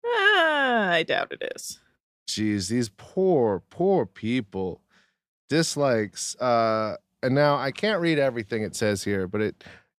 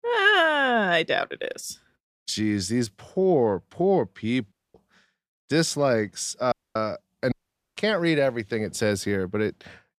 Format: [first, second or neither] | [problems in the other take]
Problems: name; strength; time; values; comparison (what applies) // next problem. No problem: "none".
first | audio cutting out; at 4.5 s, at 6.5 s and at 7.5 s